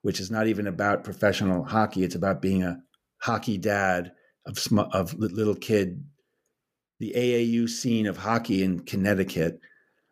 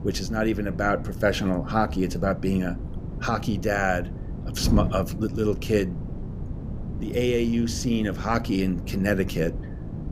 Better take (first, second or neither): first